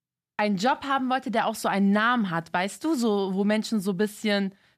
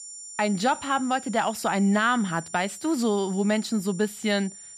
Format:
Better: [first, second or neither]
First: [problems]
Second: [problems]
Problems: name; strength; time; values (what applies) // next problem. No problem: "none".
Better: first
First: none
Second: high-pitched whine; noticeable; throughout; 7 kHz, 15 dB below the speech